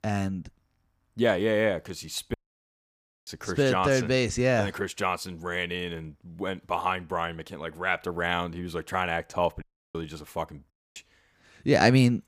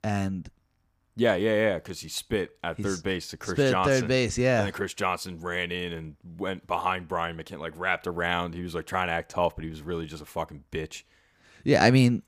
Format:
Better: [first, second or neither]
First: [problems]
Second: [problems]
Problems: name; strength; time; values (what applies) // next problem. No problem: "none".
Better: second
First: audio cutting out; at 2.5 s for 1 s, at 9.5 s and at 11 s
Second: none